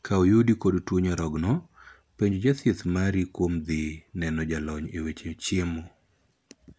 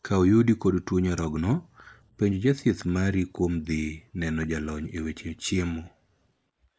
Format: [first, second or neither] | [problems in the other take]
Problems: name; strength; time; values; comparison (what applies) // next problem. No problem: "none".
first | noise reduction (neural mask model Resemble Enhance denoiser)